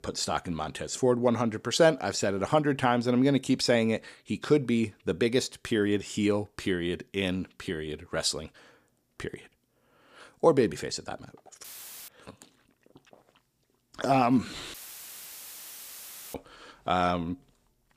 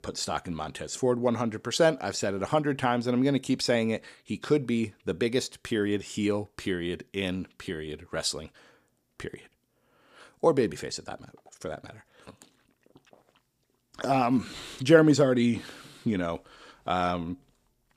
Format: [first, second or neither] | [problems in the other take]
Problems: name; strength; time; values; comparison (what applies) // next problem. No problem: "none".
second | audio cutting out; filled with static; at 12 s and at 15 s for 1.5 s